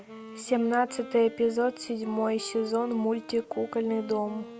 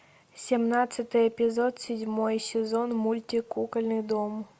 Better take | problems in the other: second | background sound (Wind instrument, woodwind instrument); 17 dB below the speech

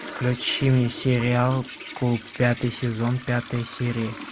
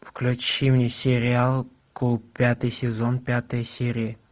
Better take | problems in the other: second | background sound (Toilet flush); 15 dB below the speech

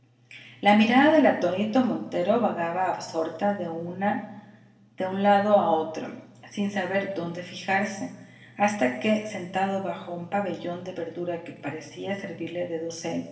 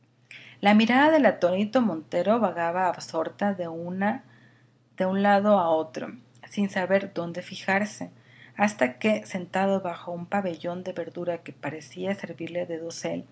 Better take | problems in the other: second | room echo; dies away in 0.9 s

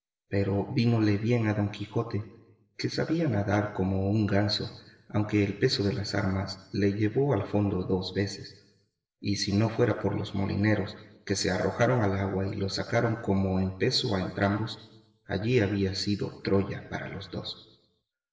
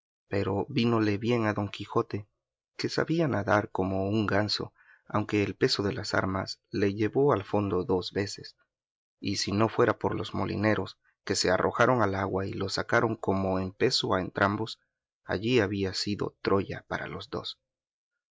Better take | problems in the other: second | room echo; dies away in 1 s

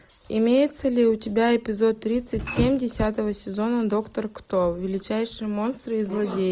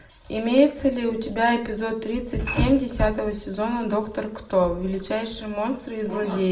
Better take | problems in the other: first | room echo; dies away in 0.4 s

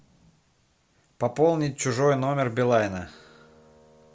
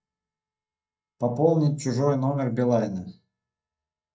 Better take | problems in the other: first | noise reduction (neural mask model DeepFilterNet 3)

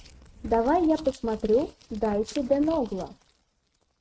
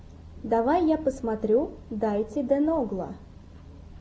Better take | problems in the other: second | noise reduction (neural mask model RNNoise)

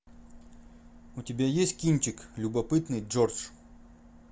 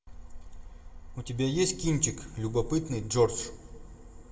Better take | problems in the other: first | room echo; dies away in 1.3 s

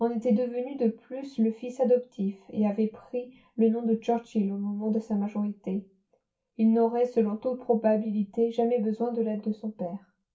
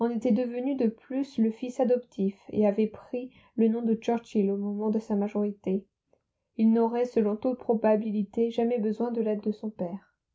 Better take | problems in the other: second | room echo; dies away in 0.2 s

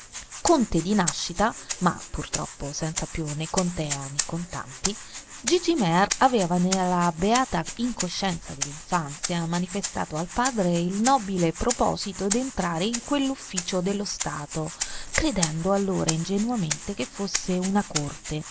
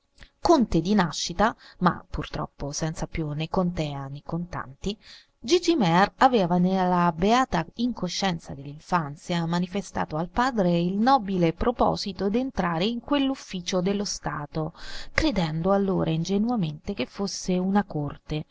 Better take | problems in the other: second | background sound (Rattle (instrument)); 8 dB below the speech

